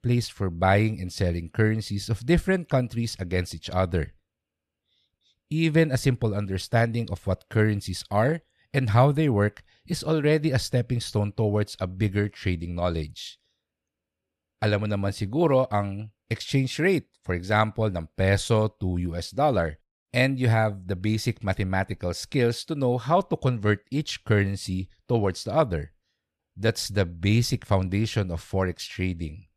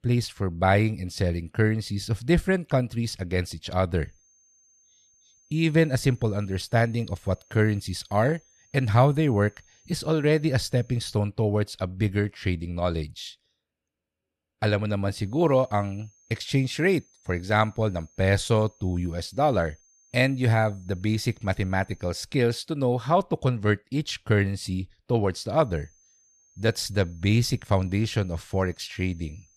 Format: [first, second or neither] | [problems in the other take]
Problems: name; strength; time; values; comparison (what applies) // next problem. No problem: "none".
first | high-pitched whine; faint; from 4 to 11 s, from 15 to 22 s and from 26 s on; 6.5 kHz, 35 dB below the speech